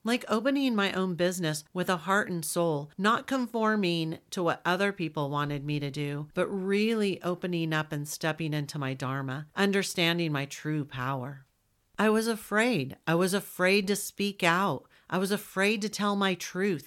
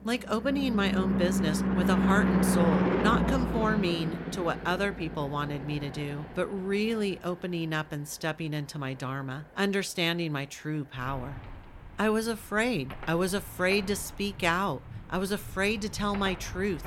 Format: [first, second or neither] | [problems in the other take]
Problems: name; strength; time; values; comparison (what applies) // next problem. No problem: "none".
first | traffic noise; very loud; throughout; as loud as the speech